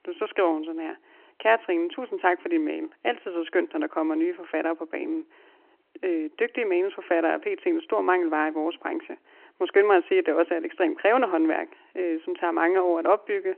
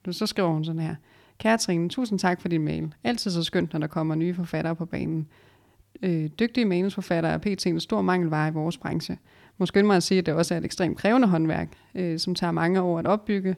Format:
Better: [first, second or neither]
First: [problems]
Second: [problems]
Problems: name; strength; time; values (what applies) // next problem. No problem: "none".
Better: second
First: phone-call audio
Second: none